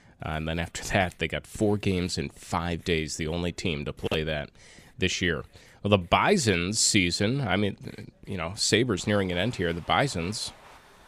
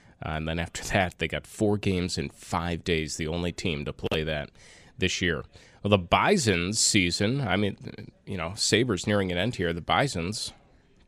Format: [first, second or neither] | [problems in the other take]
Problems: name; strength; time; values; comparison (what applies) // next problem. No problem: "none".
second | household noises; faint; throughout; 30 dB below the speech